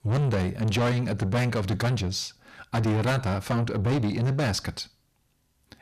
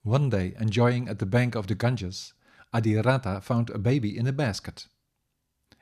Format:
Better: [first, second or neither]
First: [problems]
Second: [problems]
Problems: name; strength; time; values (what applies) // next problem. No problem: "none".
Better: second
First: distortion; heavy; 7 dB below the speech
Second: none